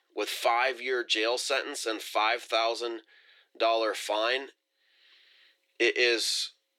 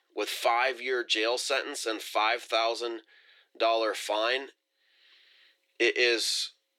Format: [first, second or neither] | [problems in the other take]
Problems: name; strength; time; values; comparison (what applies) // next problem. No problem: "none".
neither | thin; very; fading below 300 Hz; the same in both